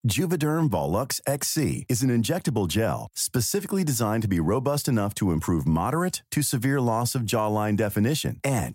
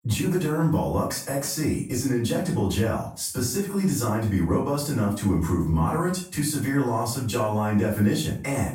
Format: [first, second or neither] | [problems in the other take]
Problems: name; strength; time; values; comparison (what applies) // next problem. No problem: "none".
first | off-mic speech; far // room echo; noticeable; dies away in 0.4 s